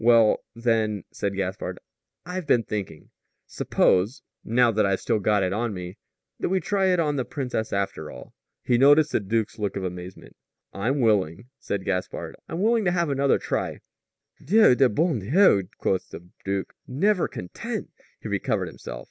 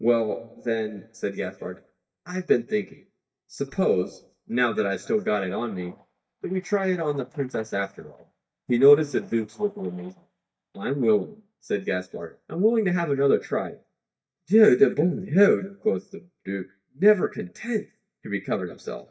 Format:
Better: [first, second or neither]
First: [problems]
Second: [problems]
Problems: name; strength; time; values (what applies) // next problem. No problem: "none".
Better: first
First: none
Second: noise reduction (neural mask model DeepFilterNet 3)